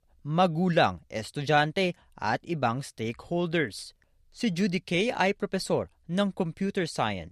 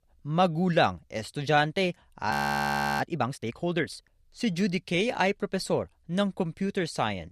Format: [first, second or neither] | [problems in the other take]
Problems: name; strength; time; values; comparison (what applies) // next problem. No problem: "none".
first | audio freezing; at 2.5 s for 0.5 s